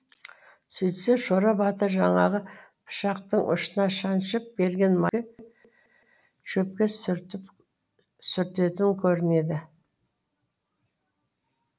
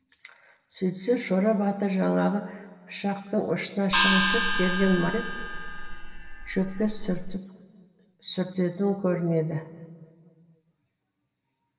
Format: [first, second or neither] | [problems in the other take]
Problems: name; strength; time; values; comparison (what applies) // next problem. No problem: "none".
first | background sound (Gong); 1 dB above the speech // room echo; dies away in 2.5 s